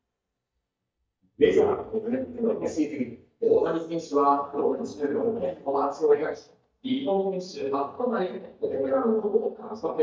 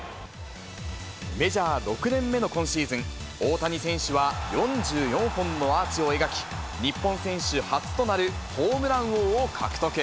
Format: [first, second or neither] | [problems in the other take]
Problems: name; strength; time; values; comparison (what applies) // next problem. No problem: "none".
second | noise reduction (neural mask model DeepFilterNet 3)